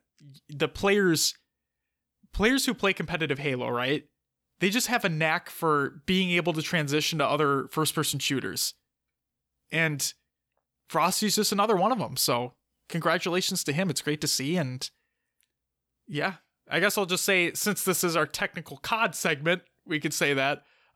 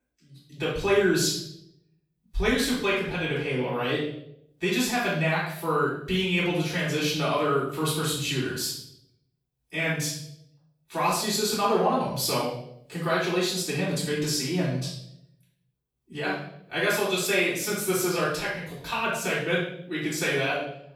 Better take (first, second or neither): first